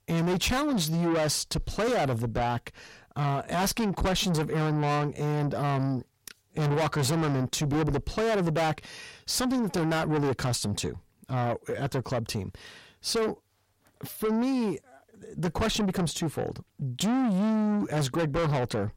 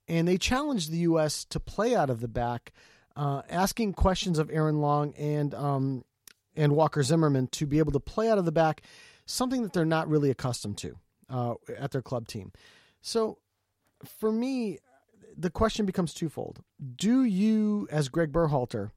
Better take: second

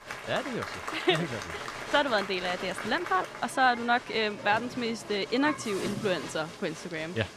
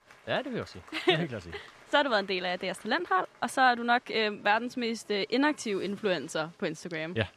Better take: second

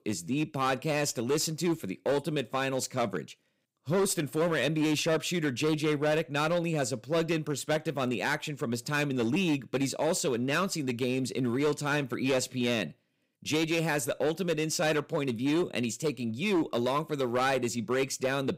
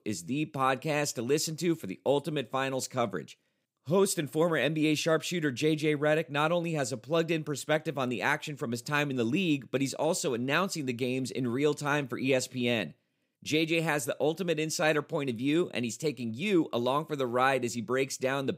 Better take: second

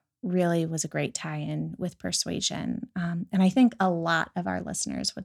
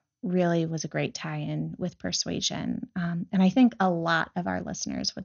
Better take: first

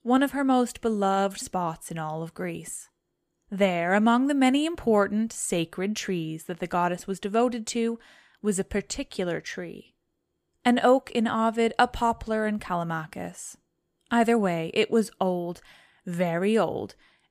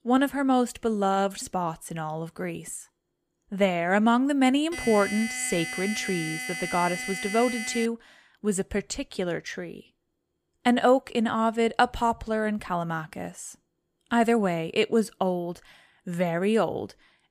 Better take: first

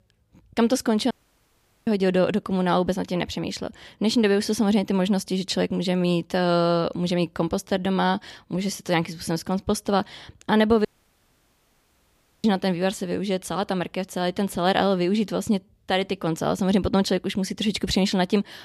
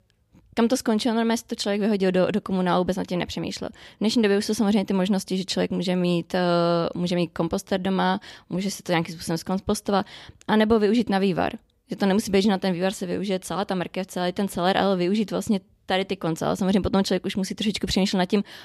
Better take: second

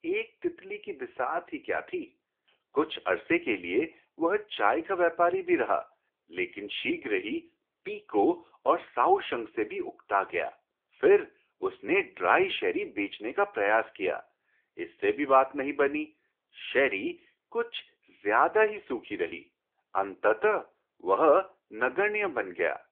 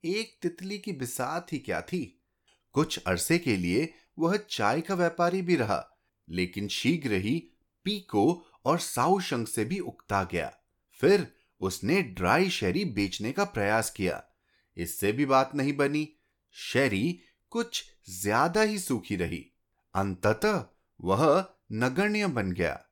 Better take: second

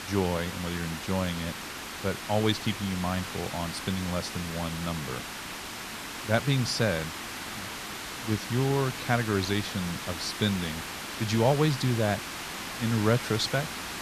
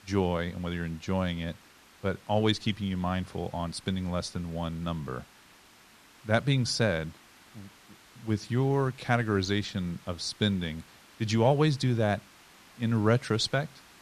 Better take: second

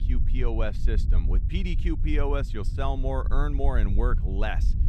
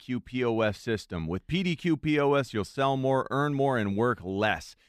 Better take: second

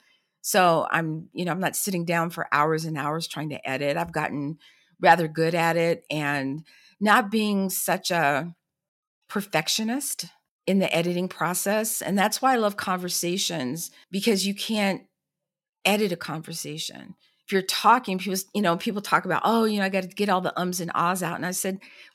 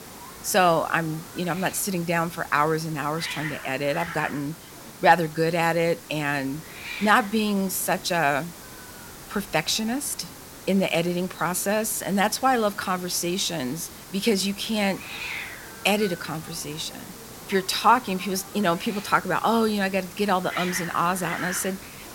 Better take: first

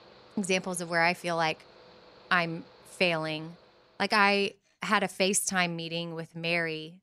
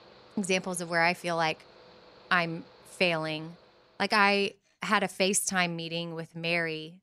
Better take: neither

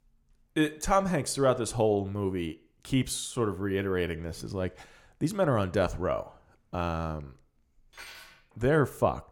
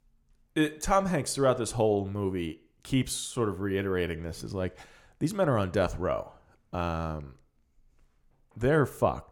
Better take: second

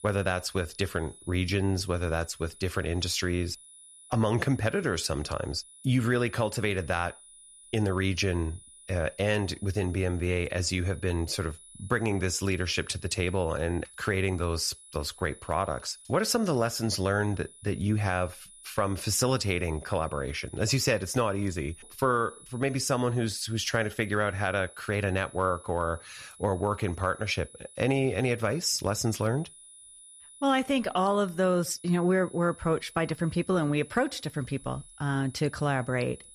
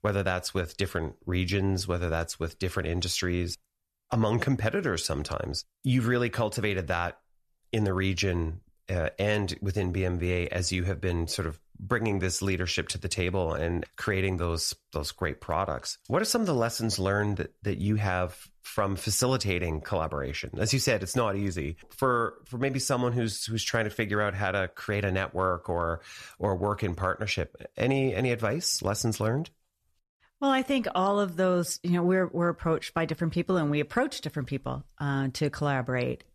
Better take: second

